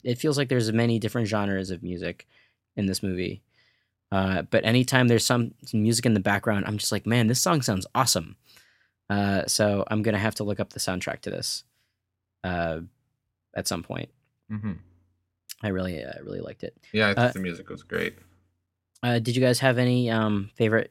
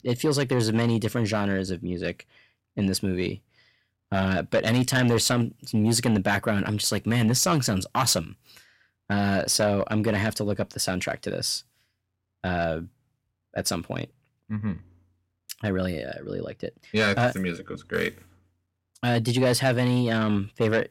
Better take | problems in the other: first | distortion; slight; 10 dB below the speech

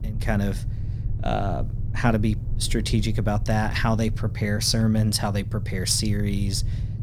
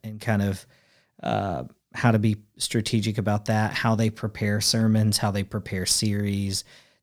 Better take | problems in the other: second | low rumble; noticeable; throughout; 15 dB below the speech

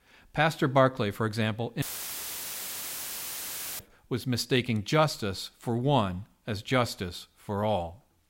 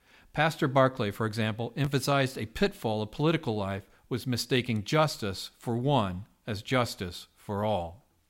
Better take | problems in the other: second | audio cutting out; filled with static; at 2 s for 2 s

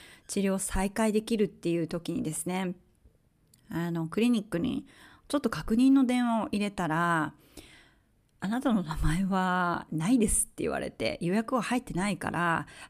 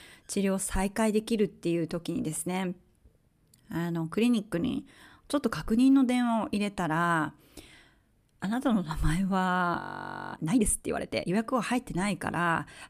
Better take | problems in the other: first | audio freezing; at 10 s for 0.5 s

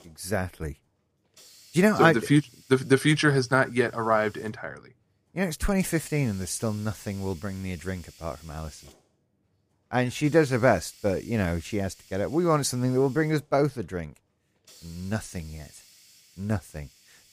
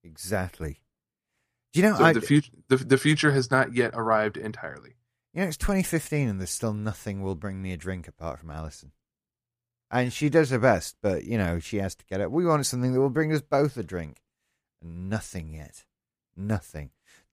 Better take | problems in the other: second | hiss; faint; throughout; 25 dB below the speech

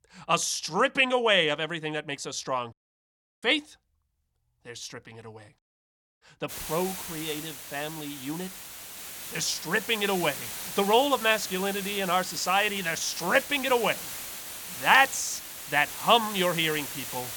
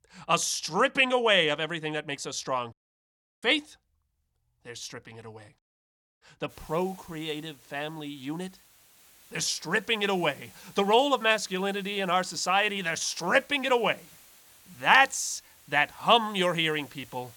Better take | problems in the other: second | hiss; loud; from 6.5 s on; 10 dB below the speech; faint in the second

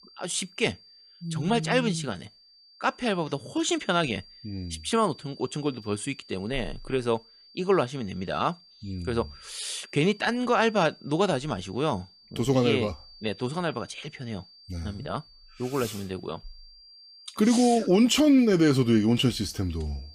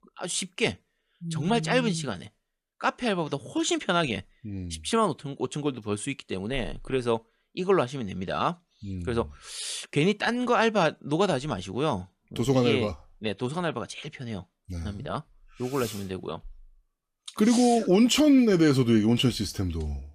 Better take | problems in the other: second | high-pitched whine; faint; throughout; 4.5 kHz, 25 dB below the speech

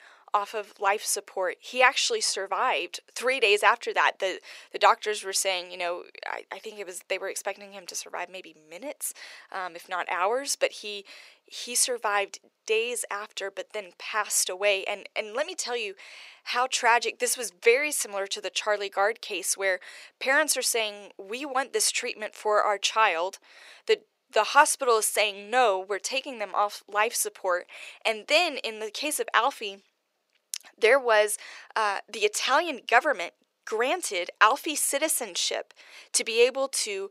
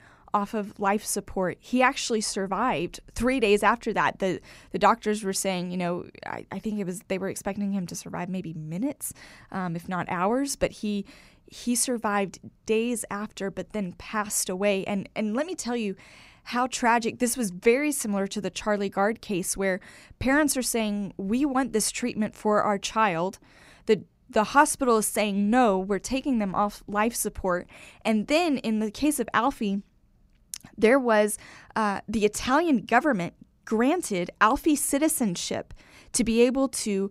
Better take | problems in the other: second | thin; very; fading below 450 Hz

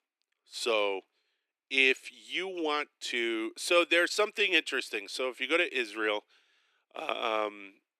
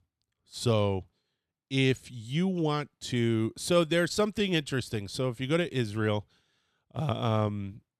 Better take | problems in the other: second | thin; very; fading below 300 Hz

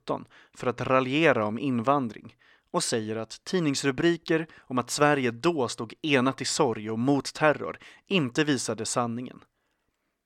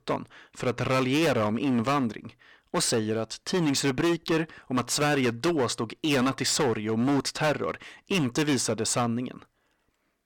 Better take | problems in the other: first | distortion; heavy; 14% of the sound clipped

